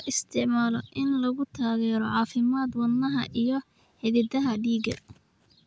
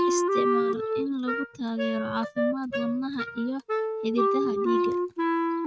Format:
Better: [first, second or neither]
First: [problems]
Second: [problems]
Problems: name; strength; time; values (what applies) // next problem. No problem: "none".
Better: first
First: none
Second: noise reduction (neural mask model RNNoise)